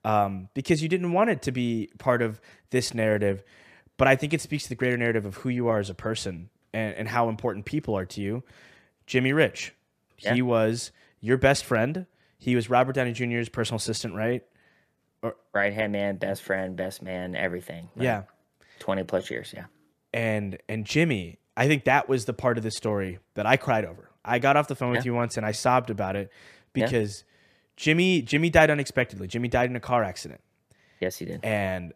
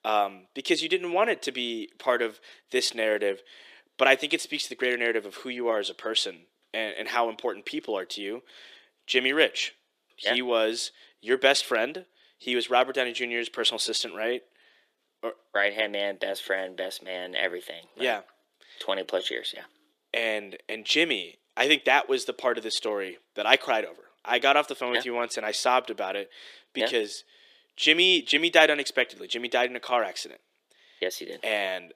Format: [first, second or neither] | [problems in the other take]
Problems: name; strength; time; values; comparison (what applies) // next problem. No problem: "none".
first | thin; somewhat; fading below 350 Hz